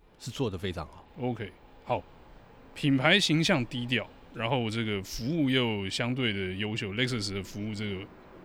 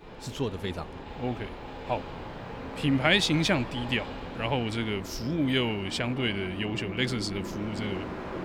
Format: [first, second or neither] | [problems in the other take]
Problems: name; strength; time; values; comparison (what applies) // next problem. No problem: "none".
first | train or aircraft noise; loud; throughout; 10 dB below the speech; faint in the first